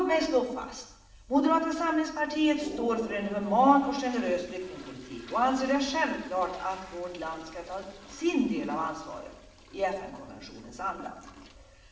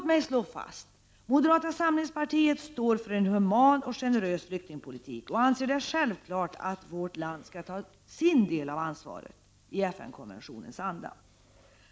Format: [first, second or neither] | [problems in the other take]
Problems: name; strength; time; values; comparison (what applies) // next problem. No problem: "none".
second | background sound (Toilet flush); 19 dB below the speech // room echo; dies away in 0.8 s